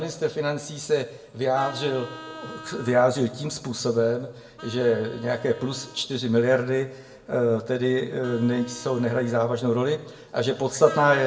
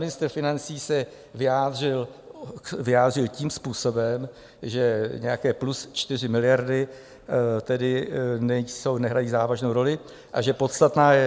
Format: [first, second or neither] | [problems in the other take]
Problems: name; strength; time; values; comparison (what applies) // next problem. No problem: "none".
second | background sound (Vehicle horn, car horn, honking); 20 dB below the speech // room echo; dies away in 0.5 s